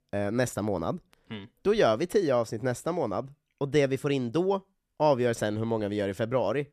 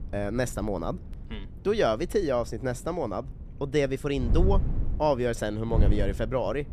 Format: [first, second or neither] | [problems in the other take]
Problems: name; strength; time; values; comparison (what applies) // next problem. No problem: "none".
first | wind noise on the microphone; occasional gusts; 15 dB below the speech